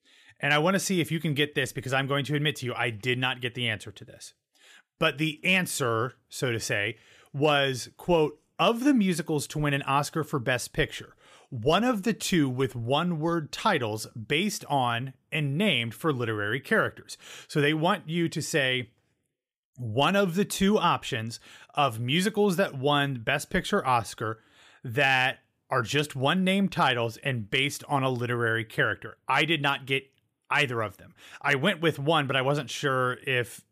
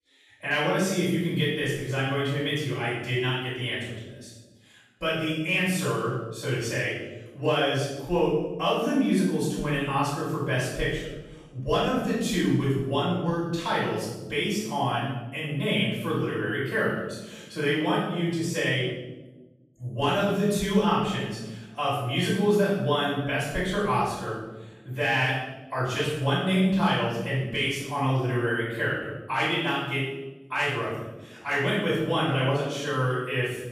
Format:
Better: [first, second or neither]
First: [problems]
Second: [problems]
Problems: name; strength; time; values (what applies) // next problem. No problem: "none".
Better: first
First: none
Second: off-mic speech; far // room echo; strong; dies away in 1 s